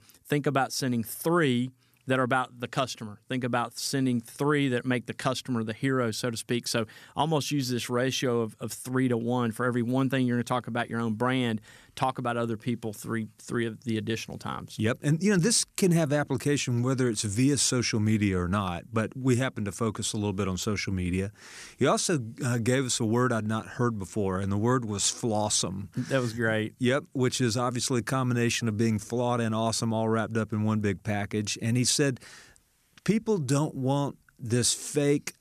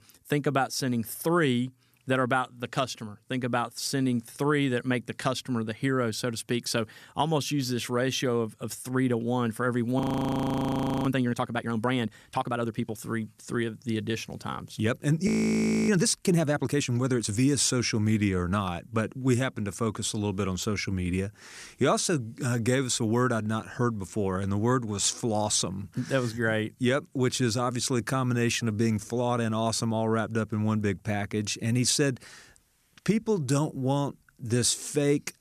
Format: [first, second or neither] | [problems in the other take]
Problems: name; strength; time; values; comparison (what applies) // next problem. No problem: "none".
first | audio freezing; at 10 s for 1 s and at 15 s for 0.5 s